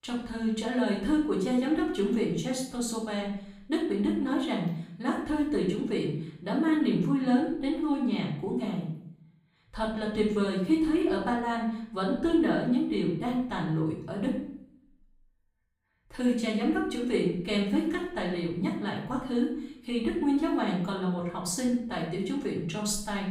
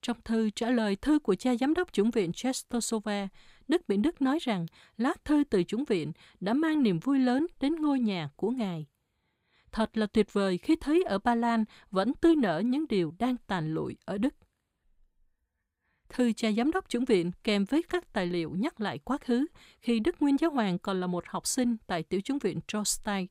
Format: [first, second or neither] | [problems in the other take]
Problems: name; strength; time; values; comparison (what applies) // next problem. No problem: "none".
second | off-mic speech; far // room echo; noticeable; dies away in 0.6 s